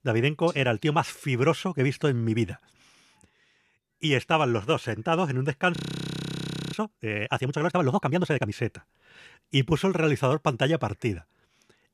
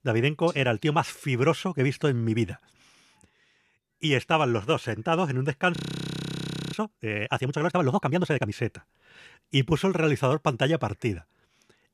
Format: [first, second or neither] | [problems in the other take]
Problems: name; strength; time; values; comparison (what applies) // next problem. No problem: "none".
neither | audio freezing; at 6 s for 1 s; the same in both